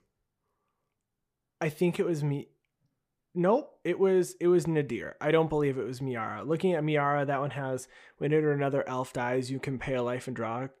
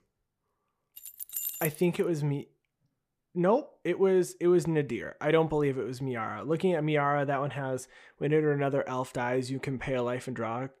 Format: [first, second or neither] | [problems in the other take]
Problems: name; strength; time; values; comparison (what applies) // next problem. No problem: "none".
first | jangling keys; noticeable; at 1 s; peak 3 dB below the speech